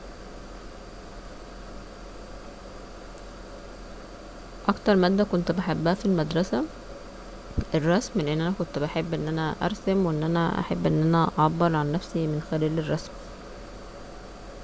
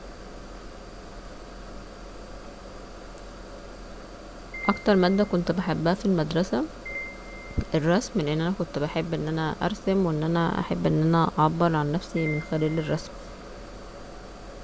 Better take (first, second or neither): first